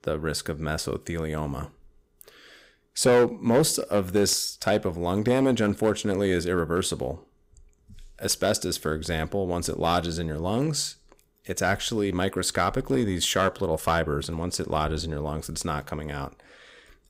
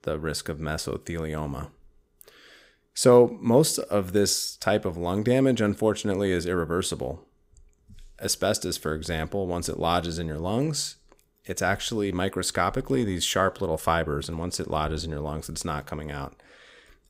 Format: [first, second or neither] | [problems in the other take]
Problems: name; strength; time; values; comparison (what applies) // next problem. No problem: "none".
second | distortion; slight; 2% of the sound clipped